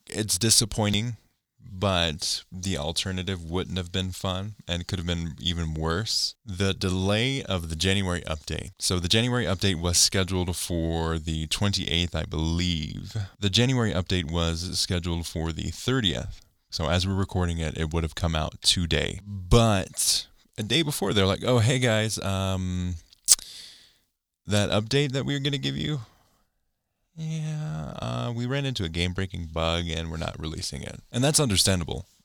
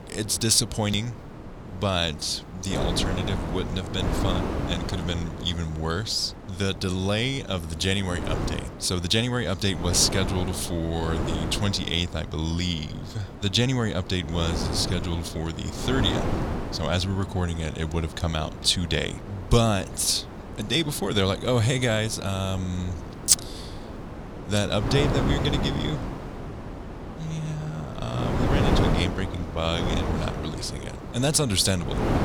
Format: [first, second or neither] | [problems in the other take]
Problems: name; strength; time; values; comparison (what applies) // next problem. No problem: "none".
first | wind noise on the microphone; heavy; 8 dB below the speech